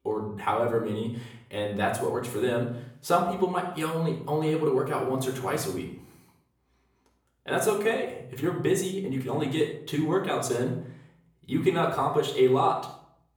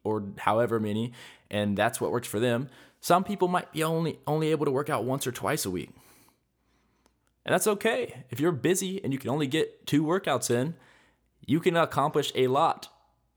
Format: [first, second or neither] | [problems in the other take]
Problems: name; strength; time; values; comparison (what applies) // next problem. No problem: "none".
second | off-mic speech; far // room echo; noticeable; dies away in 0.5 s